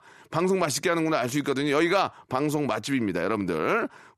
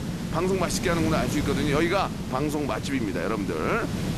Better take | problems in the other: first | hiss; loud; throughout; 4 dB below the speech

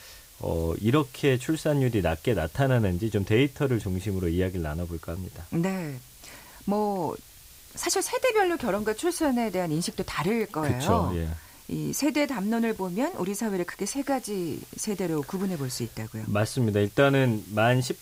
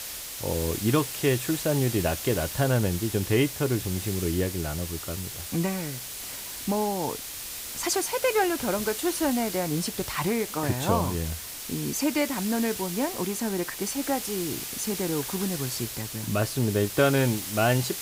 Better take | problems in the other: first | hiss; loud; throughout; 6 dB below the speech; faint in the first

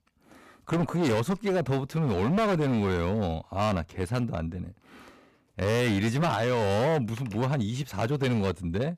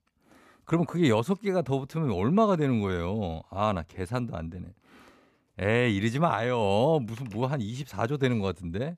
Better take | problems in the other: second | distortion; heavy; 18% of the sound clipped

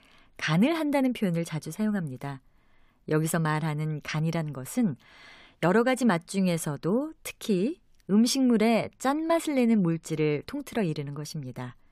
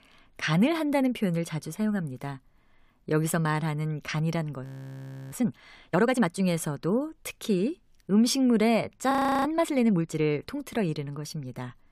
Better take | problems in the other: first | audio freezing; at 4.5 s for 0.5 s and at 9 s

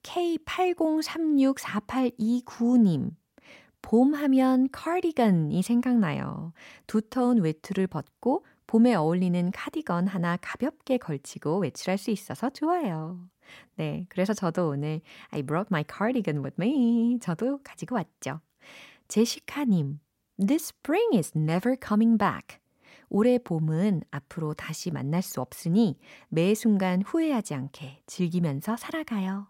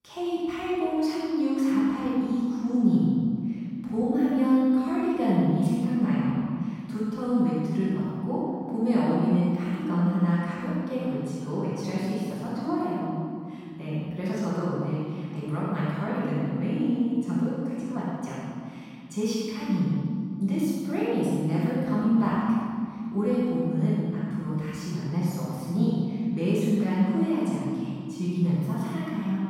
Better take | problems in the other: first | room echo; strong; dies away in 2.4 s // off-mic speech; far

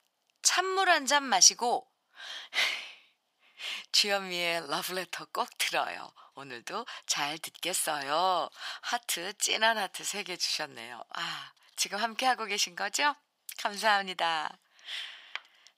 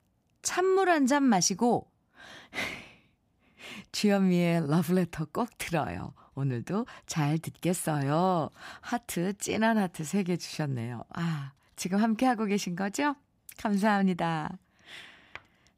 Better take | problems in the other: second | thin; very; fading below 800 Hz

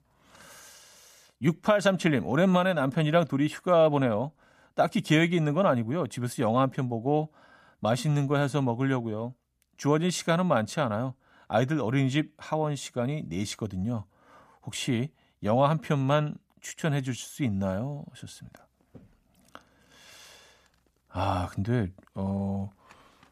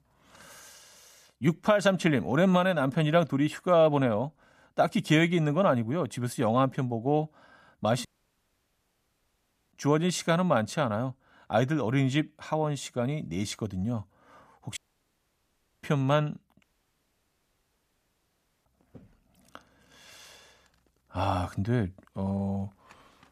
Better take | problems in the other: first | audio cutting out; at 8 s for 1.5 s, at 15 s for 1 s and at 17 s for 2 s

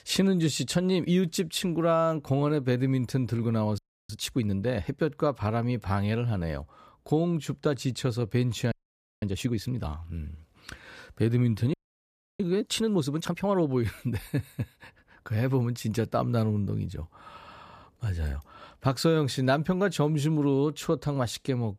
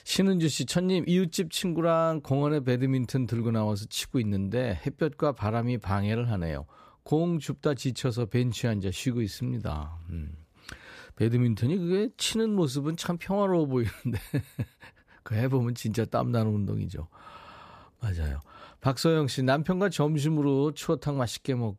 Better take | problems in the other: second | audio freezing; at 4 s, at 8.5 s for 0.5 s and at 12 s for 0.5 s

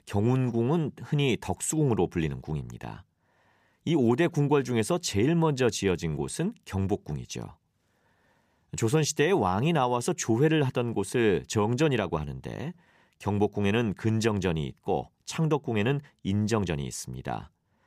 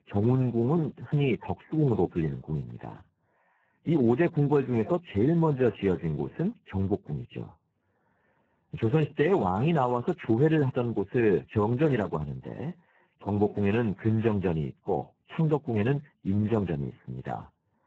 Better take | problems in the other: first | garbled, watery; badly; nothing above 7.5 kHz

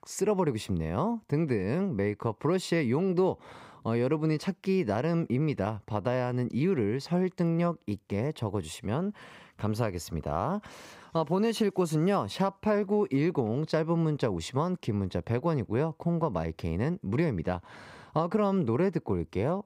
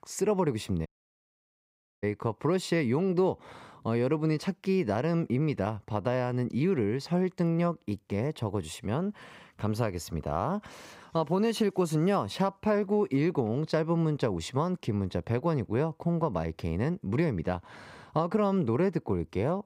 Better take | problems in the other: first | audio cutting out; at 1 s for 1 s

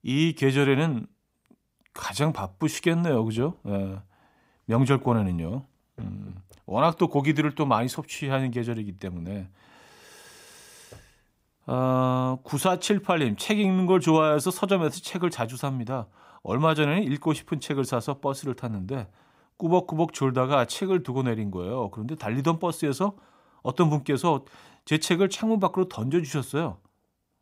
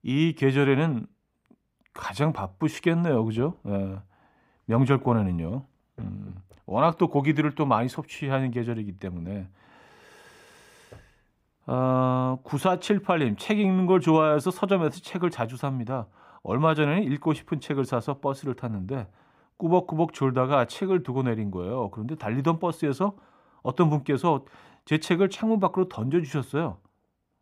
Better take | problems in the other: first | muffled; slightly; fading above 3.5 kHz

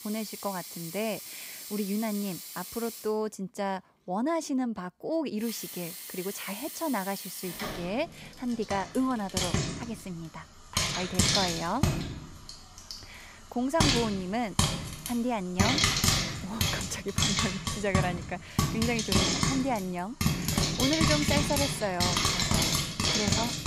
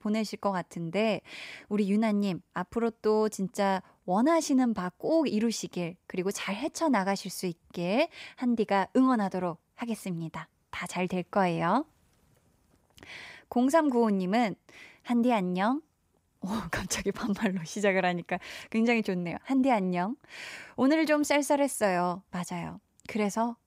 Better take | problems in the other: second | household noises; very loud; throughout; 4 dB above the speech

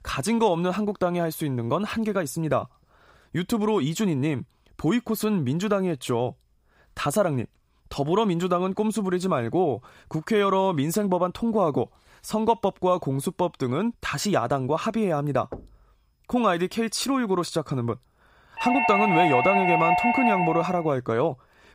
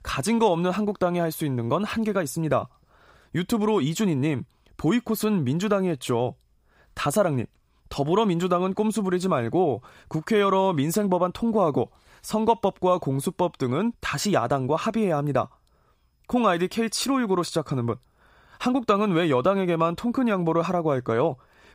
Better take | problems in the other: second | door banging; faint; at 16 s; peak 15 dB below the speech // doorbell; loud; from 19 to 21 s; peak 4 dB above the speech

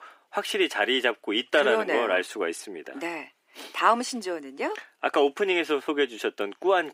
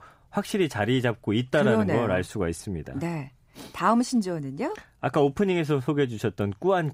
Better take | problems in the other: second | thin; somewhat; fading below 300 Hz

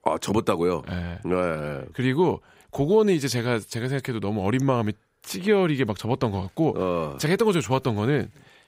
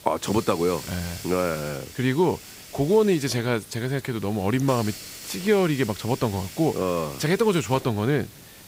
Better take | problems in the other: first | hiss; noticeable; throughout; 15 dB below the speech

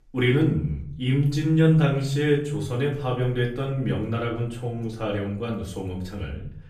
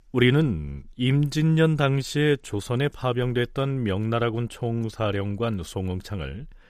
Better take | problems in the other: second | room echo; slight; dies away in 0.5 s // off-mic speech; far

